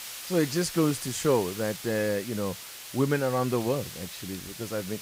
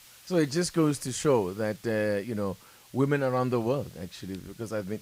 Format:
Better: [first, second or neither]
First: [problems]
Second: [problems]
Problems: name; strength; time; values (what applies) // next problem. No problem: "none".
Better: second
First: hiss; loud; throughout; 10 dB below the speech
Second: hiss; faint; throughout; 25 dB below the speech